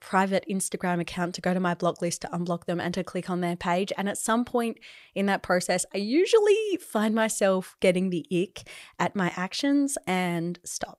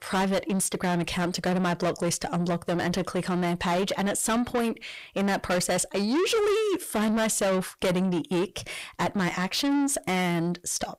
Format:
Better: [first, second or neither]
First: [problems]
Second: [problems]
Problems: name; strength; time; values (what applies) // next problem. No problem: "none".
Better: first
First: none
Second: distortion; heavy; 7 dB below the speech